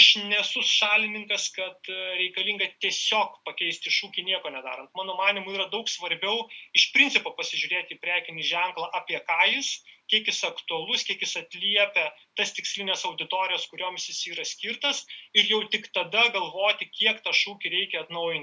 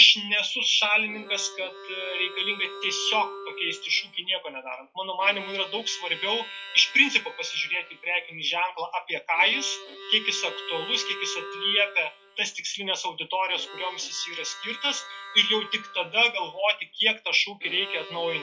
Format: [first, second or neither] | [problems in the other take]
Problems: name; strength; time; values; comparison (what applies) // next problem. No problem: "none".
first | noise reduction (classical method log-MMSE)